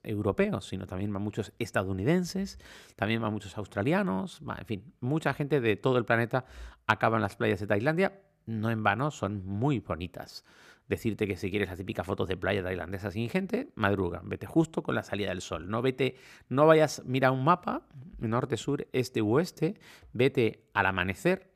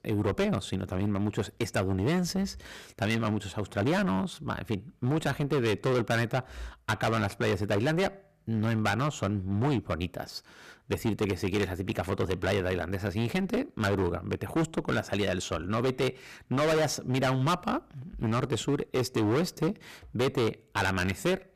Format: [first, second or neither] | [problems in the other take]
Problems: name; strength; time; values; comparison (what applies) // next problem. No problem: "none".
first | distortion; heavy; 16% of the sound clipped